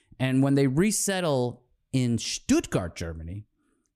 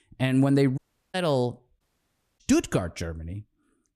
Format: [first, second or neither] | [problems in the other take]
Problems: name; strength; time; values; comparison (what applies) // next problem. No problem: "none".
first | audio cutting out; at 1 s and at 2 s for 0.5 s